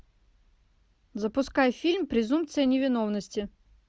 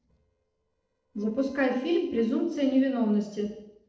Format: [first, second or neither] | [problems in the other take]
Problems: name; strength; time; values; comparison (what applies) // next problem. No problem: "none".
first | noise reduction (neural separator model SepFormer DNS4)